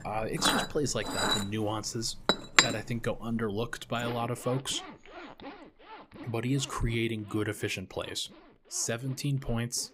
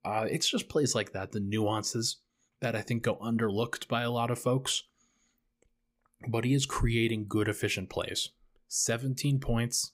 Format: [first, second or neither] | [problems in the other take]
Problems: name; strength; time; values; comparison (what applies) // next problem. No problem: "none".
second | household noises; very loud; throughout; 3 dB above the speech